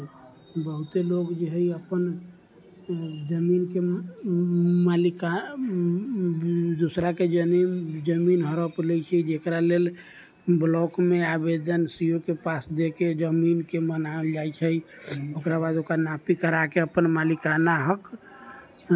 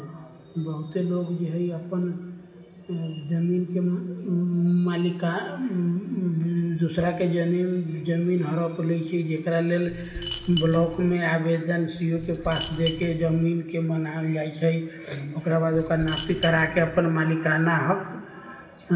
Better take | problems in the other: first | background sound (Coin (dropping)); 11 dB below the speech // room echo; dies away in 2.5 s

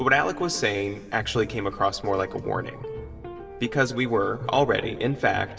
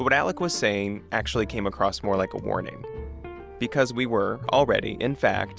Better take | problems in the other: second | room echo; dies away in 1.7 s

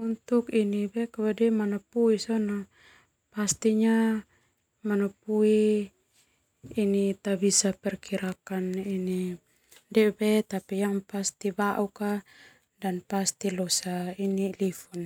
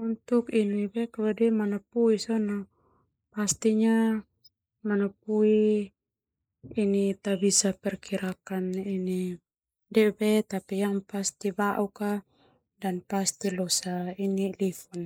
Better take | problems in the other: first | noise reduction (neural mask model Resemble Enhance denoiser)

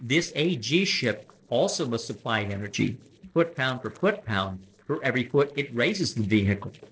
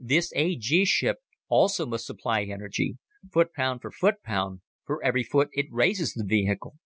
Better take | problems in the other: second | noise reduction (neural separator model SepFormer DNS4)

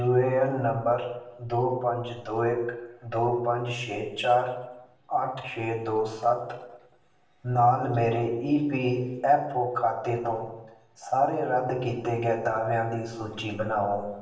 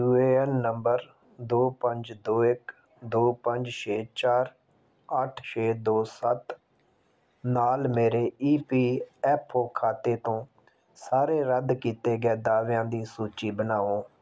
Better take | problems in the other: second | room echo; dies away in 0.7 s

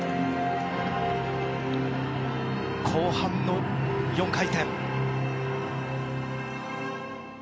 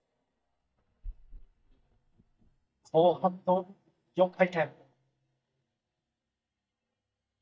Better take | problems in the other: first | noise reduction (neural mask model DeepFilterNet 3)

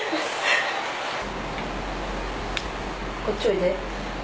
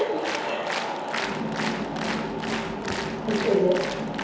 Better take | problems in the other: first | background sound (Applause); 7 dB below the speech // room echo; dies away in 0.9 s

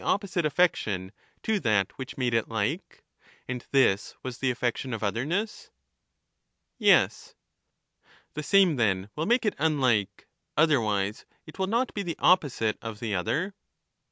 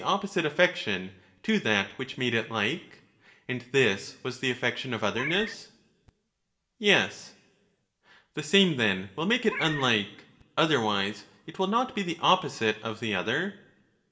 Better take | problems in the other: first | background sound (Meow); 10 dB below the speech // room echo; dies away in 0.6 s

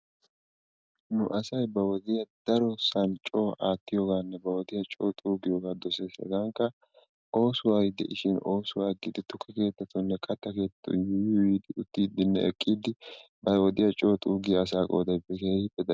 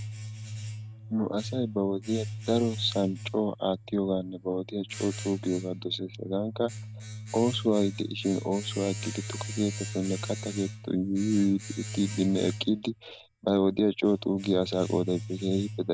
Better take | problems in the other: first | background sound (Domestic sounds, home sounds); 10 dB below the speech

